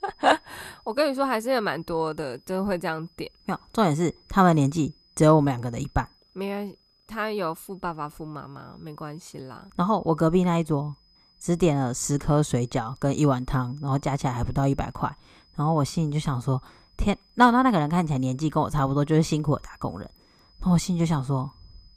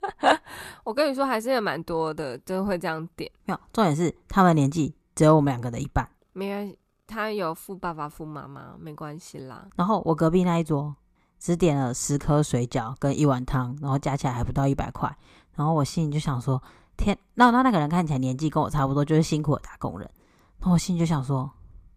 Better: second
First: high-pitched whine; faint; throughout; 5 kHz, 35 dB below the speech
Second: none

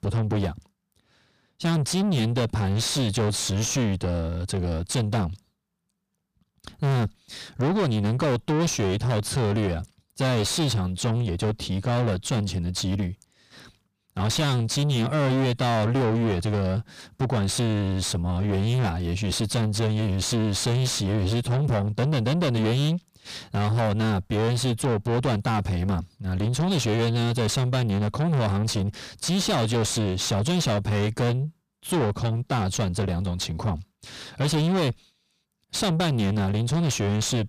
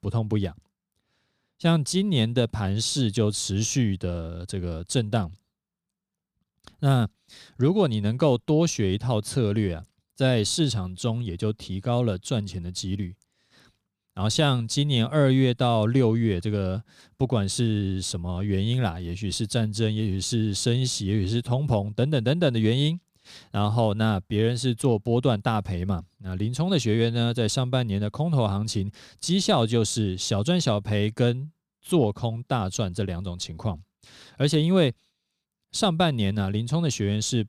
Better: second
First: distortion; heavy; 5 dB below the speech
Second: none

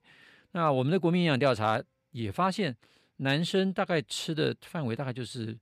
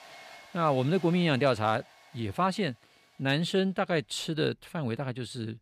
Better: first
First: none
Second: household noises; faint; throughout; 20 dB below the speech

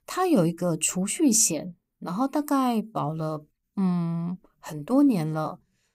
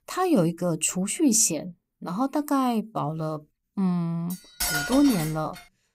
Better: first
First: none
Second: clattering dishes; noticeable; from 4.5 s on; peak 1 dB below the speech

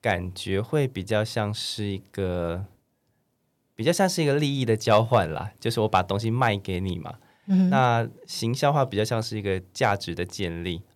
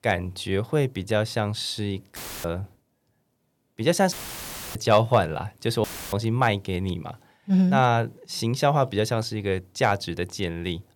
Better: first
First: none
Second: audio cutting out; filled with static; at 2 s, at 4 s for 0.5 s and at 6 s

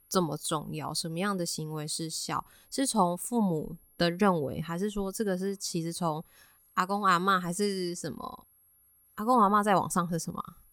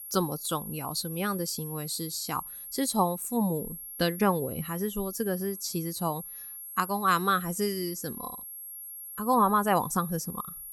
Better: first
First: high-pitched whine; faint; throughout; 11.5 kHz, 30 dB below the speech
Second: high-pitched whine; loud; throughout; 11.5 kHz, 9 dB below the speech

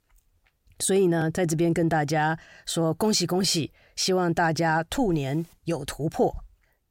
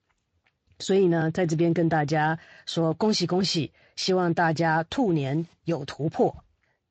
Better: first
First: none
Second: garbled, watery; slightly; nothing above 7.5 kHz

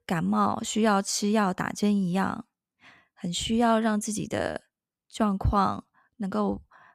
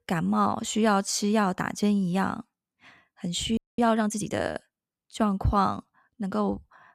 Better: first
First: none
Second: audio freezing; at 3.5 s

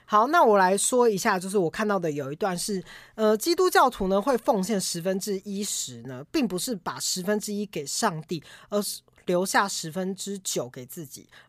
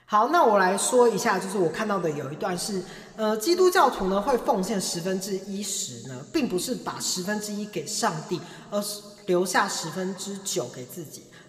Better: first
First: none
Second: room echo; very slight; dies away in 1.8 s

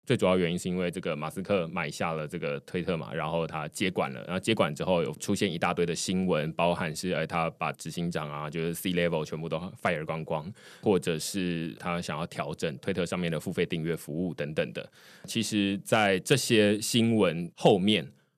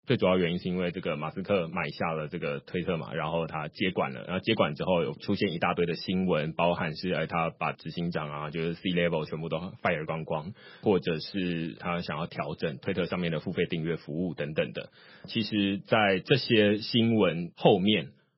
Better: first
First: none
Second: garbled, watery; badly; nothing above 5.5 kHz

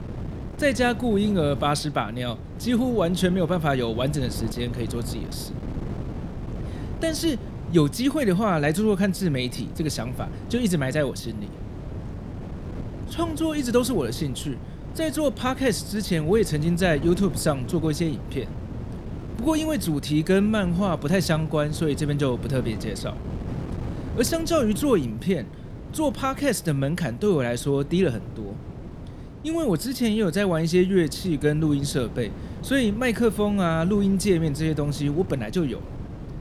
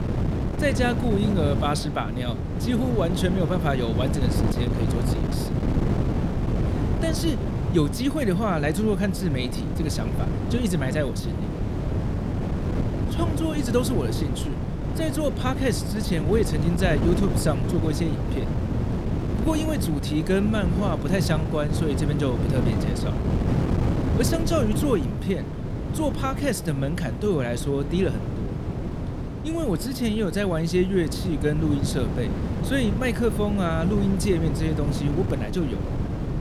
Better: first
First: wind noise on the microphone; occasional gusts; 15 dB below the speech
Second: wind noise on the microphone; heavy; 5 dB below the speech

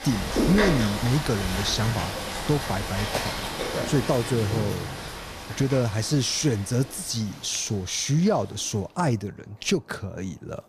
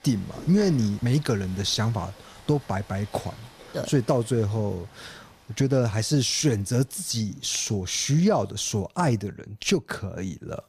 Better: second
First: rain or running water; loud; throughout; 4 dB below the speech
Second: rain or running water; faint; throughout; 20 dB below the speech

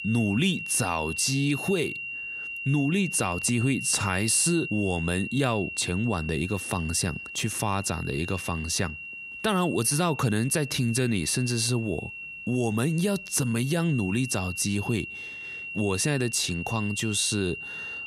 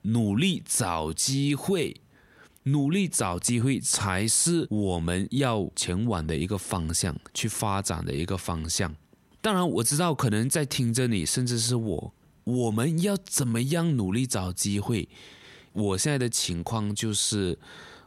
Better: second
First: high-pitched whine; loud; throughout; 3 kHz, 8 dB below the speech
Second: none

